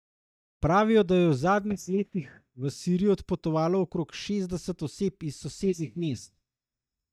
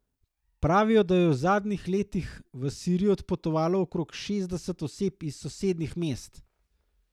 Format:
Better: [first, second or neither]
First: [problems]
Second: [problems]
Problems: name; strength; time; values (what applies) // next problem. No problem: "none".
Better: second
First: noise reduction (neural mask model DeepFilterNet 3)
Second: none